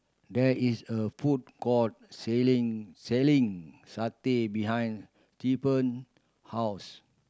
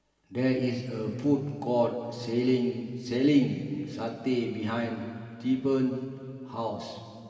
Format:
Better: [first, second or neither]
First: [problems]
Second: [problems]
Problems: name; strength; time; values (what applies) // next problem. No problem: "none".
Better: first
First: none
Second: room echo; dies away in 2.5 s